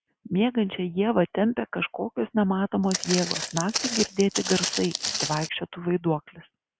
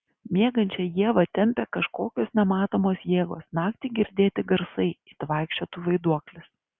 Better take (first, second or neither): second